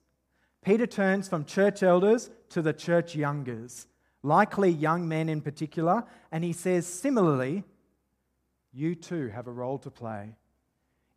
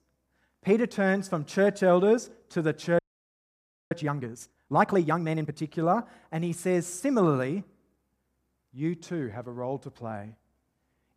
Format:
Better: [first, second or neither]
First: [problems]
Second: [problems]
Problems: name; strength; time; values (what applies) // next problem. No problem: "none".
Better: first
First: none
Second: audio freezing; at 3 s for 1 s